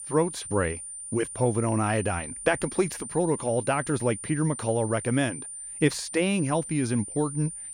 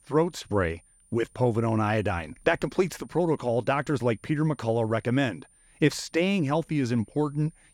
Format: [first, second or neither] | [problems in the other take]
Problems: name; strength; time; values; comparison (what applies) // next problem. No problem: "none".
second | high-pitched whine; loud; throughout; 9 kHz, 9 dB below the speech; faint in the second